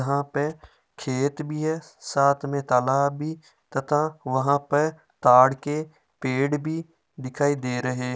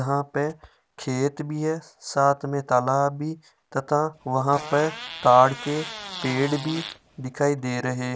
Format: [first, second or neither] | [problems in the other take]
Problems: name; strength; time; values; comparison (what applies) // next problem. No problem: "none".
first | background sound (Fart); 12 dB below the speech